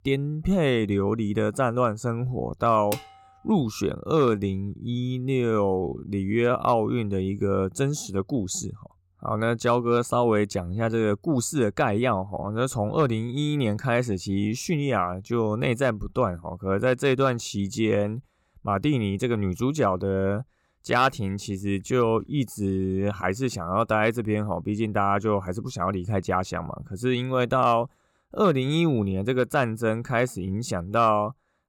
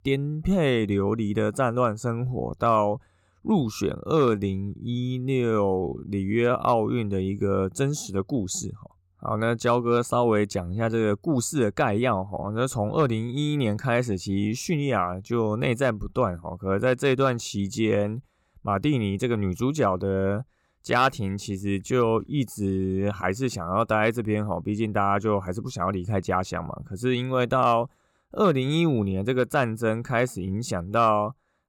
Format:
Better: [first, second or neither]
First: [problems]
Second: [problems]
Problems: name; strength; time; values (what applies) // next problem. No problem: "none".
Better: second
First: clattering dishes; faint; at 3 s; peak 10 dB below the speech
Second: none